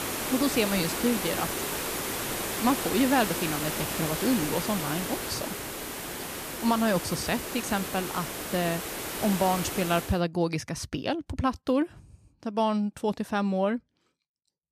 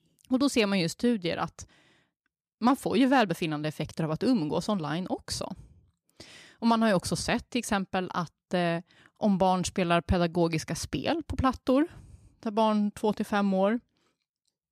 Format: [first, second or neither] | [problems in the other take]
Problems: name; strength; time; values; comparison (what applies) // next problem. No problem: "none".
second | hiss; loud; until 10 s; 3 dB below the speech